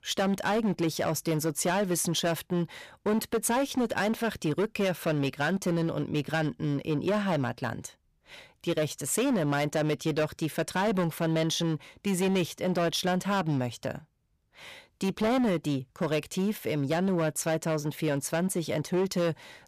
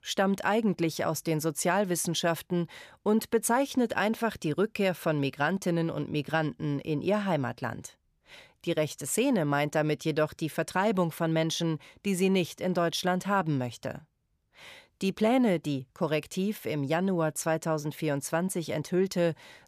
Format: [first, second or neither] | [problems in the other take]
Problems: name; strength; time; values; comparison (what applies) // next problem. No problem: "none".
second | distortion; slight; 12% of the sound clipped